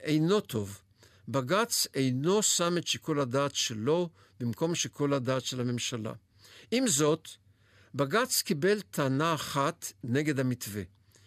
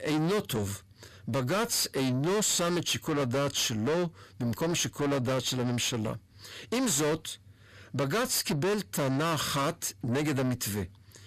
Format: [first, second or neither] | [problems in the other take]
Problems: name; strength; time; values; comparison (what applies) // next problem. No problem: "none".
first | distortion; heavy; 6 dB below the speech